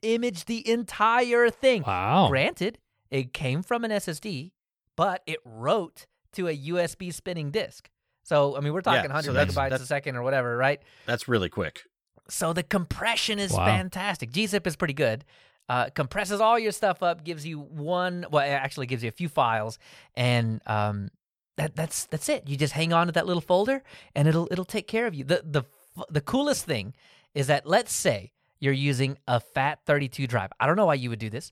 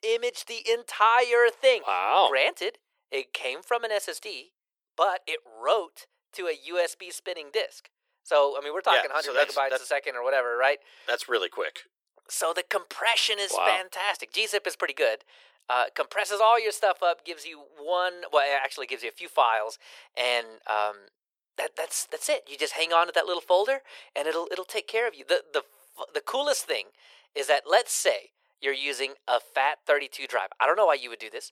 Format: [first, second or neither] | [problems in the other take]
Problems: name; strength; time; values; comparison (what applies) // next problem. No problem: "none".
first | thin; very; fading below 400 Hz